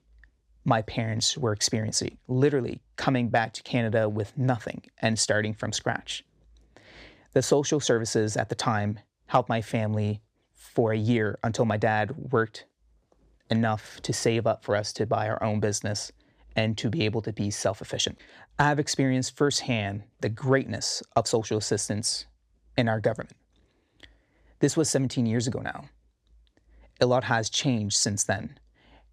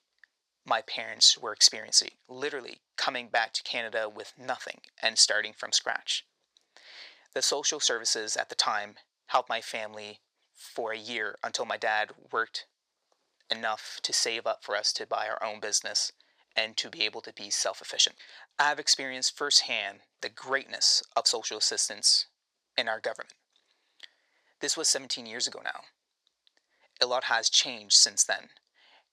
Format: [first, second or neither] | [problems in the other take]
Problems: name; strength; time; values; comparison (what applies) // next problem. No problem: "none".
first | thin; very; fading below 800 Hz